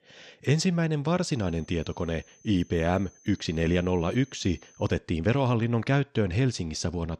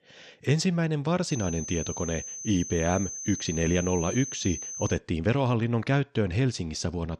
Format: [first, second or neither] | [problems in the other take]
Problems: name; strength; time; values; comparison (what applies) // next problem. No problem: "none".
first | high-pitched whine; loud; from 1.5 to 5 s; 6 kHz, 7 dB below the speech; faint in the first